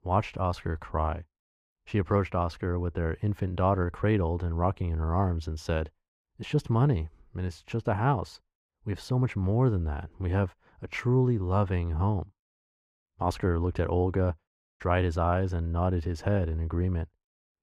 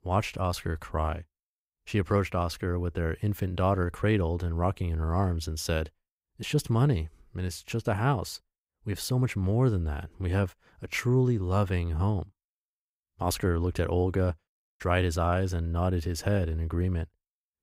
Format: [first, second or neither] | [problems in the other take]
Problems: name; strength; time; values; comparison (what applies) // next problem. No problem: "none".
second | muffled; slightly; fading above 2 kHz